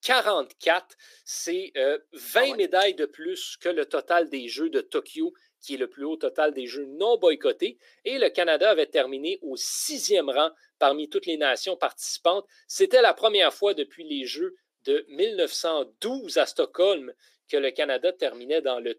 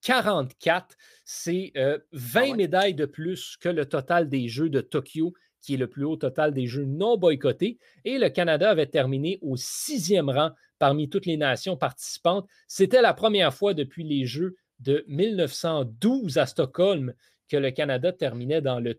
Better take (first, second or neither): second